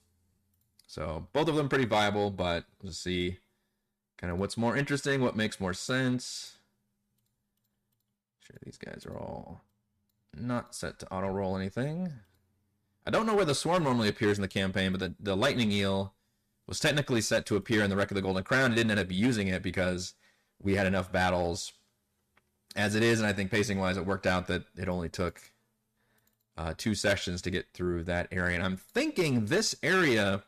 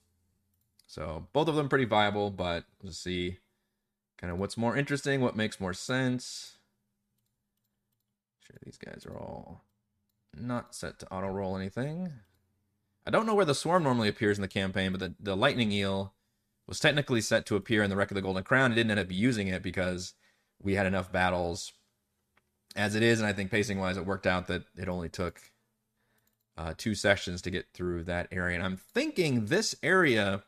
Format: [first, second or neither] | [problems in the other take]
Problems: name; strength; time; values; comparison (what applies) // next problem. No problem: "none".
second | distortion; slight; 4% of the sound clipped